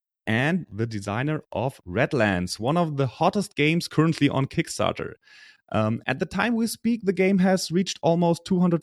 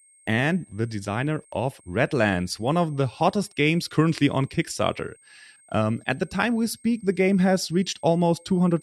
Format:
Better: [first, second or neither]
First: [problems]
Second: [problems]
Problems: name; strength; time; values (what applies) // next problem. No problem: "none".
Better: first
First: none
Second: high-pitched whine; faint; throughout; 8.5 kHz, 30 dB below the speech